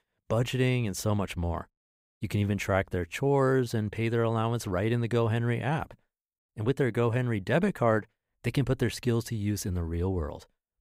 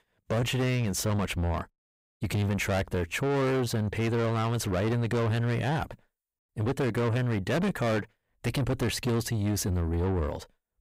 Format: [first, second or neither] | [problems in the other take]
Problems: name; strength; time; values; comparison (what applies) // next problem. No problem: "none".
first | distortion; heavy; 7 dB below the speech